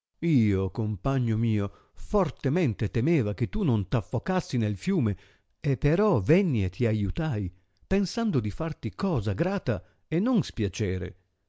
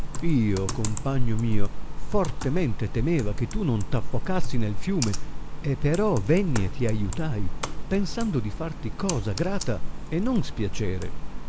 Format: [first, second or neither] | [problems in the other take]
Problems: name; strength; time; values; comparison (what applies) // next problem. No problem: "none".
first | background sound (Computer keyboard); 3 dB above the speech